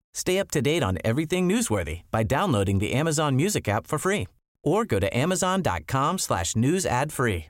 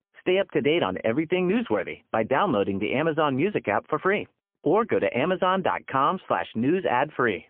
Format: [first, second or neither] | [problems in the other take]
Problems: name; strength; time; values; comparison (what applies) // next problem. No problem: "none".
first | phone-call audio; poor line; nothing above 3 kHz